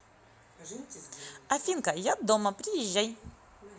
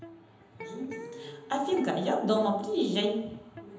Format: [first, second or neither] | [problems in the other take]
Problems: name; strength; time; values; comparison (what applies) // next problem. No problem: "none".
first | background sound (Electric guitar); 16 dB below the speech // room echo; dies away in 0.9 s